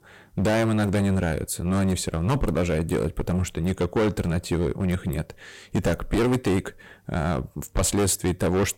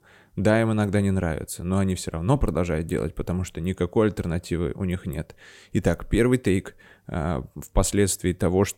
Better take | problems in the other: second | distortion; heavy; 14% of the sound clipped

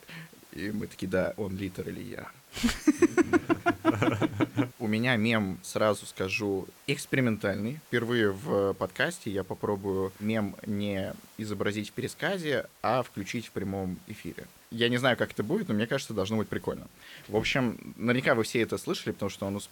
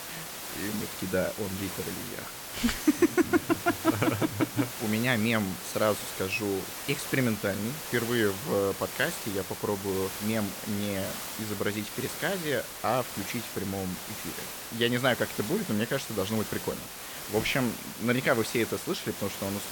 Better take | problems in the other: first | hiss; loud; throughout; 7 dB below the speech; faint in the first

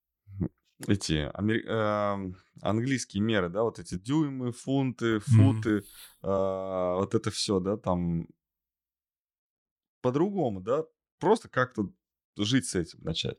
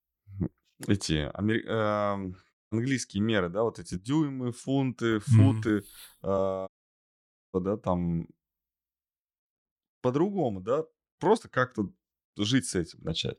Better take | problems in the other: first | audio cutting out; at 2.5 s and at 6.5 s for 1 s

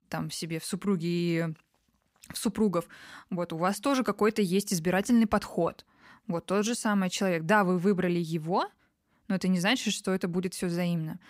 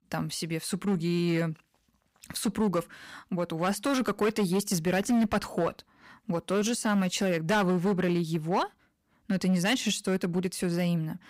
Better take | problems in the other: first | distortion; slight; 8% of the sound clipped

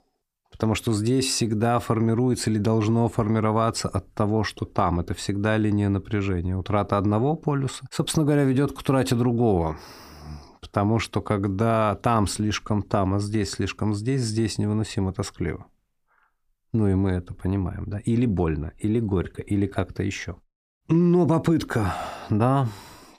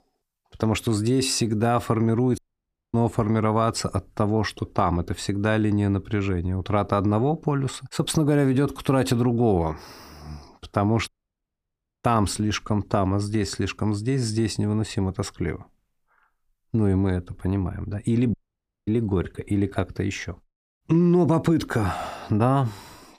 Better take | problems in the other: first | audio cutting out; at 2.5 s for 0.5 s, at 11 s for 1 s and at 18 s for 0.5 s

